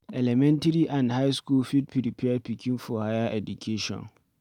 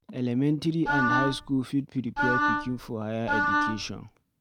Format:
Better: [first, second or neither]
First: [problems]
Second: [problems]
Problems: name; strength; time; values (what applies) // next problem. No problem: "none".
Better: first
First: none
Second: background sound (Wind instrument, woodwind instrument); 2 dB above the speech